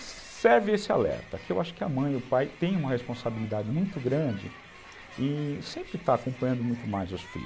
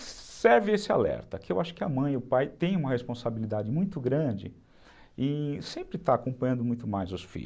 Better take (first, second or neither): second